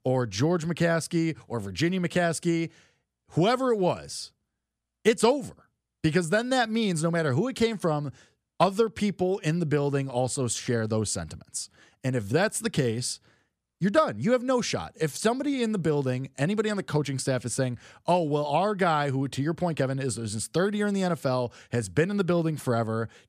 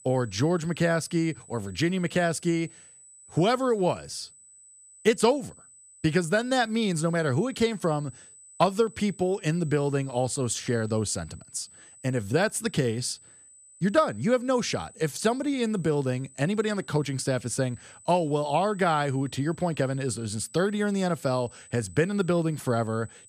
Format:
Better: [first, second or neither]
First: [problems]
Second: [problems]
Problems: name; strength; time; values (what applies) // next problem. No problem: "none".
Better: first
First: none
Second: high-pitched whine; faint; throughout; 8 kHz, 20 dB below the speech